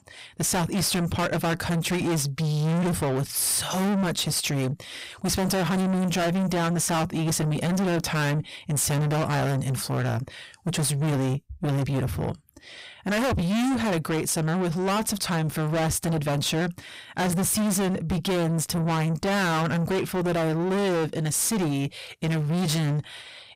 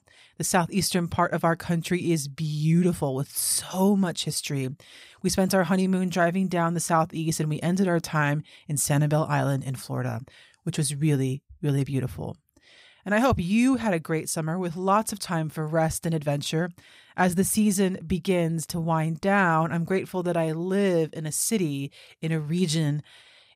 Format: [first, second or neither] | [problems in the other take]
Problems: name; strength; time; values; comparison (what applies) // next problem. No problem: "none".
second | distortion; heavy; 5 dB below the speech